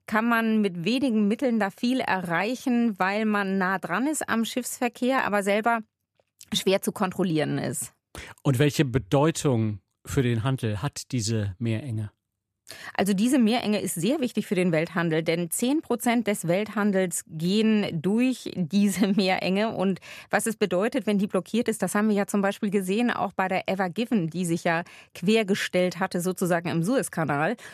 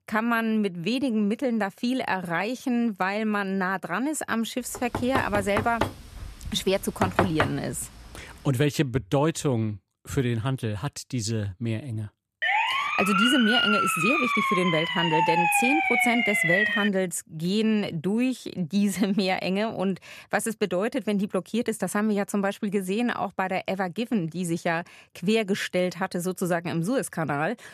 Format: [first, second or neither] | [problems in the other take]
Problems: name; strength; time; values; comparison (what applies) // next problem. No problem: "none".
first | door banging; loud; from 5 to 7.5 s; peak 1 dB above the speech // siren; loud; from 12 to 17 s; peak 6 dB above the speech